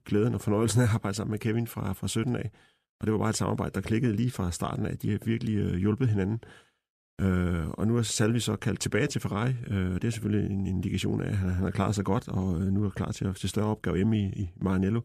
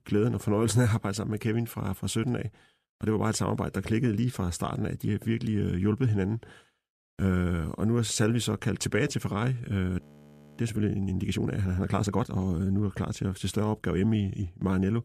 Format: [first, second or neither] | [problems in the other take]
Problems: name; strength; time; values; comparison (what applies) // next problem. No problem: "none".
first | audio freezing; at 10 s for 0.5 s